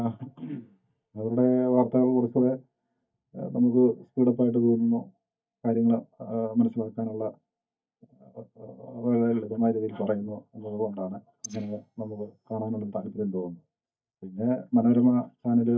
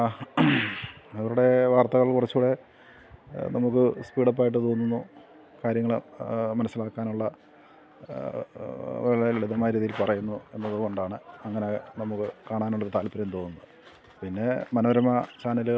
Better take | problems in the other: second | noise reduction (neural mask model DeepFilterNet 3)

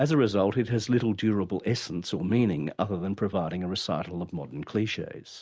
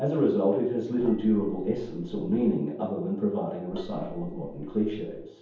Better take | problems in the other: first | background sound (Gong); 15 dB below the speech // room echo; dies away in 0.7 s

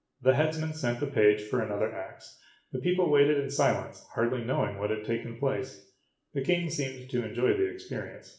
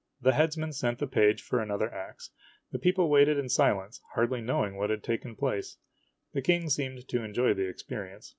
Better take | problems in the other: second | room echo; dies away in 0.5 s

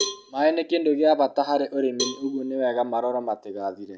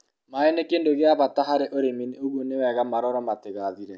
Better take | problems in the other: second | background sound (Cowbell); 13 dB below the speech

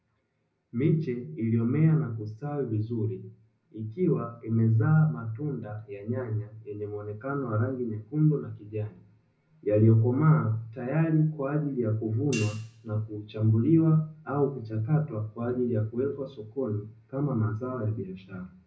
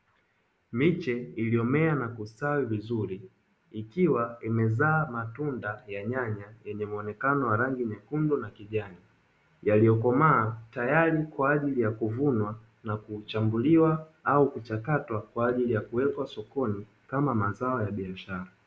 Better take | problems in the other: second | background sound (Hi-hat); 17 dB below the speech // room echo; dies away in 0.4 s

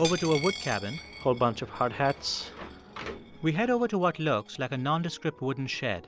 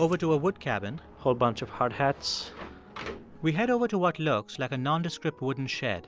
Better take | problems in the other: second | background sound (Coin (dropping)); 14 dB below the speech

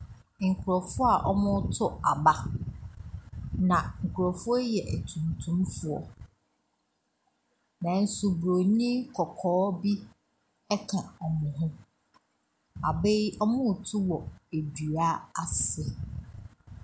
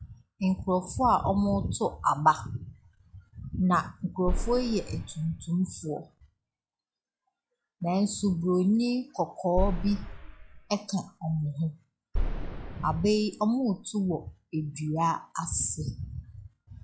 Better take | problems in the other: first | noise reduction (classical method log-MMSE)

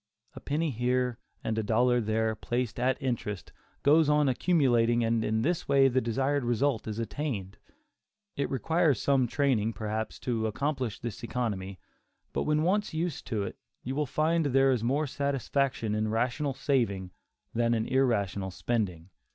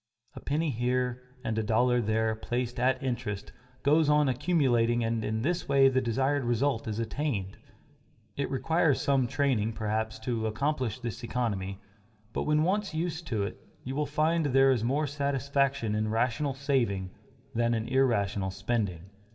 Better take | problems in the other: first | room echo; dies away in 0.3 s

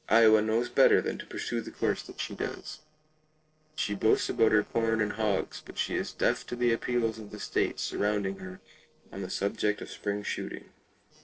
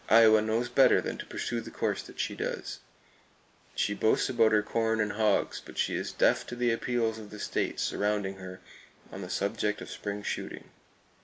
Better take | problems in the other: second | noise reduction (neural separator model SepFormer DNS4)

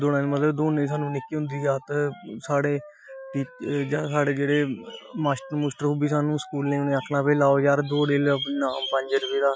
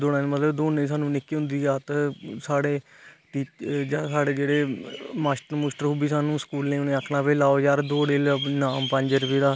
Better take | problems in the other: second | noise reduction (classical method Wiener filter)

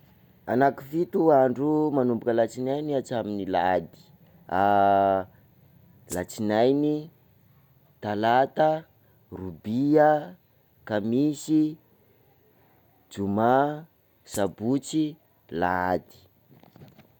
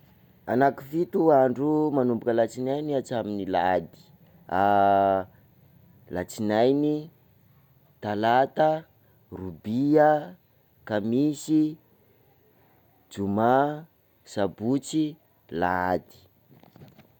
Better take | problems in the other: second | background sound (Rattle (instrument)); 18 dB below the speech

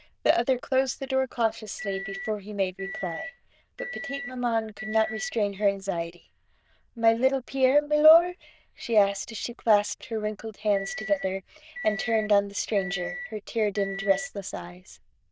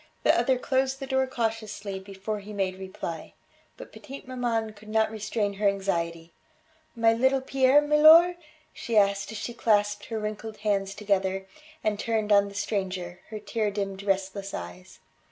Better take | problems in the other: second | noise reduction (neural diffusion model UNIVERSE++)

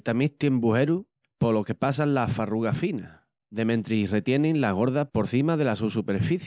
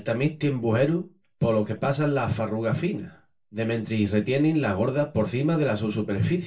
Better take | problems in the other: first | room echo; dies away in 0.2 s

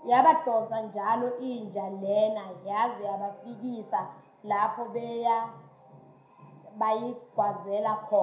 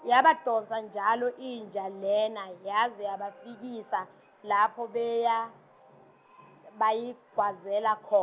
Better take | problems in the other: second | room echo; dies away in 0.5 s

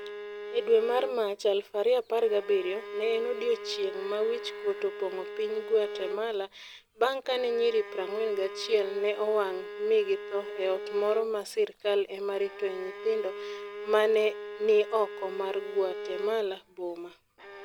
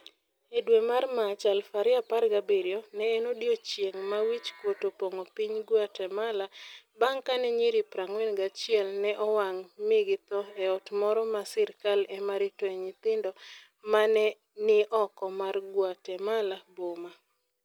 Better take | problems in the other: second | background sound (Bowed string instrument); 11 dB below the speech

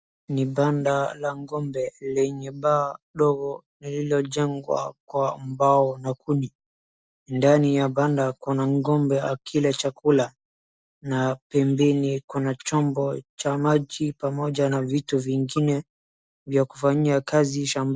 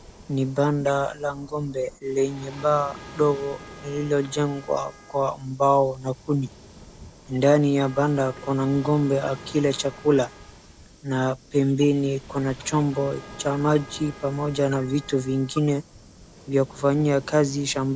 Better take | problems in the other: first | background sound (Waves, surf + Trumpet); 19 dB below the speech

